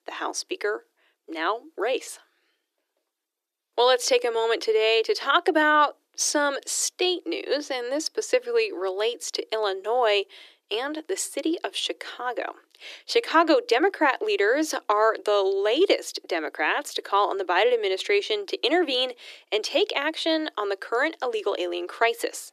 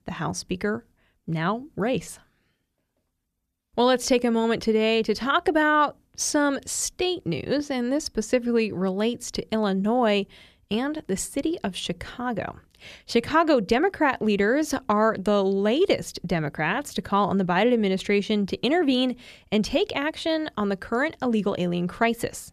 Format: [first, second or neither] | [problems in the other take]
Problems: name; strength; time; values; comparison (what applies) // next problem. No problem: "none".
second | thin; very; fading below 300 Hz